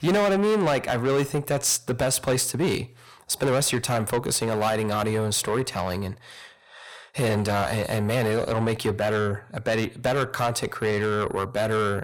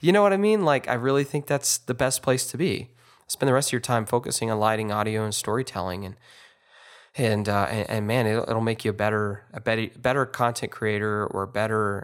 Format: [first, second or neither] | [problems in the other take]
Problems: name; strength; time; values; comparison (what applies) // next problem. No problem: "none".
second | distortion; heavy; 7 dB below the speech